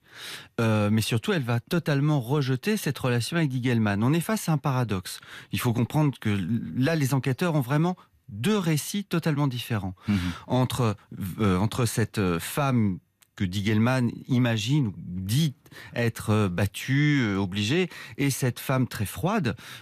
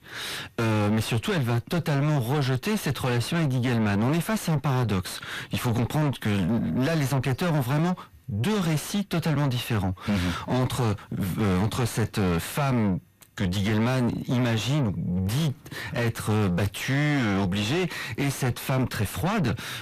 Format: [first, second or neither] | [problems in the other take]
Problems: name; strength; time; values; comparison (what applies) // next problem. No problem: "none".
first | distortion; heavy; 7 dB below the speech